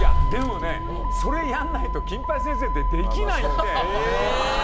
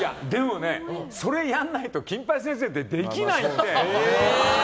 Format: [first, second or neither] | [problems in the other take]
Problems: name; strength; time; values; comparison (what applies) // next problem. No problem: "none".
second | background sound (Motor vehicle (road)); 5 dB above the speech